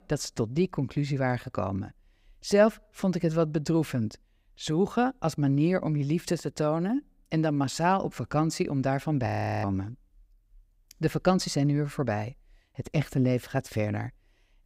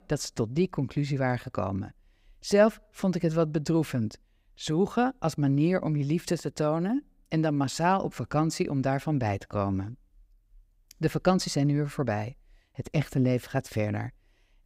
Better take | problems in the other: second | audio freezing; at 9.5 s

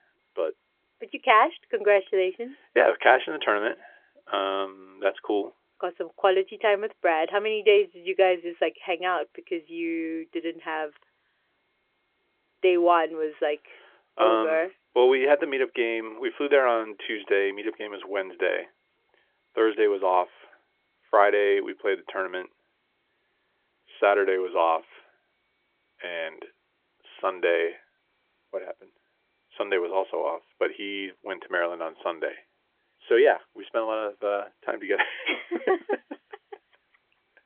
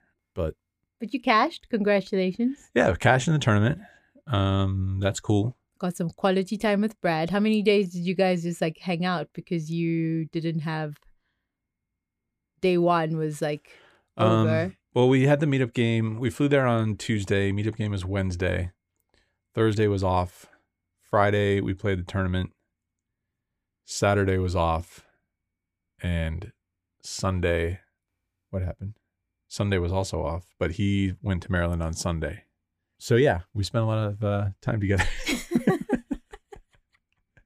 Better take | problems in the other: second | phone-call audio; nothing above 3.5 kHz

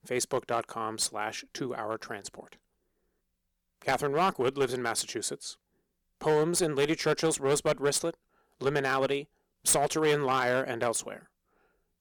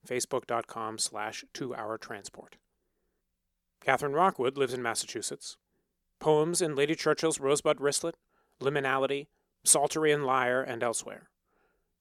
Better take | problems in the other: second | distortion; slight; 5% of the sound clipped

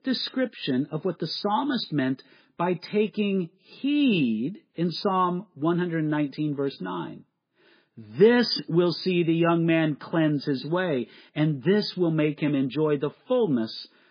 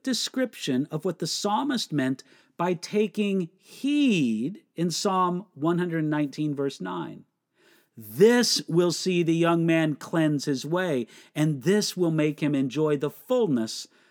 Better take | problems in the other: second | garbled, watery; badly; nothing above 5 kHz

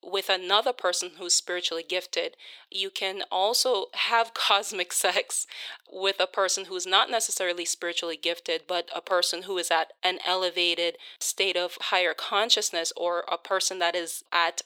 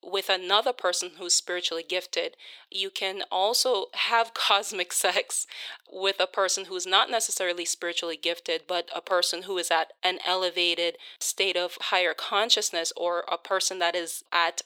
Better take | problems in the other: neither | thin; very; fading below 450 Hz; the same in both

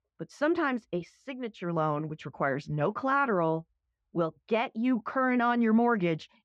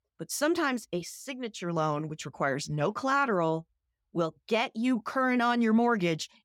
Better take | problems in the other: second | muffled; very; fading above 2.5 kHz

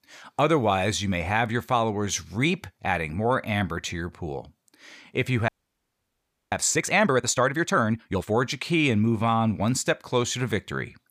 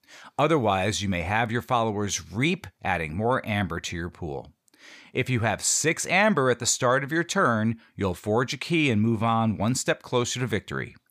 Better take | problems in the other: second | audio freezing; at 5.5 s for 1 s

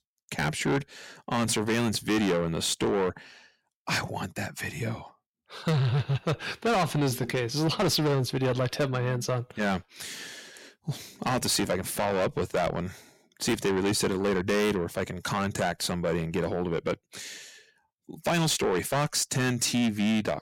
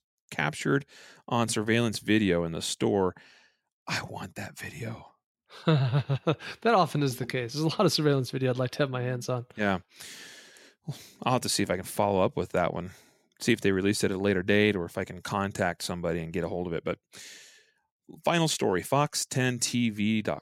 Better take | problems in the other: second | distortion; heavy; 6 dB below the speech

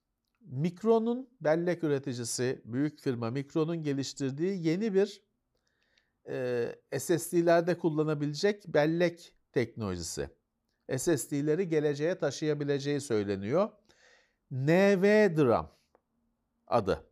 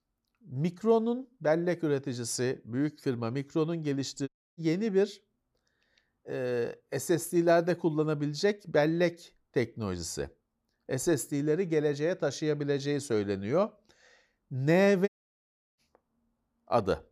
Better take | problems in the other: first | audio cutting out; at 4.5 s and at 15 s for 0.5 s

